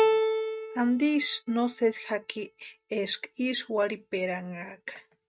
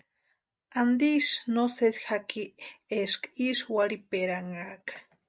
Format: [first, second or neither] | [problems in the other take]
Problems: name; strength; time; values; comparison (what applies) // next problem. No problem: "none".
second | noise reduction (neural mask model RNNoise)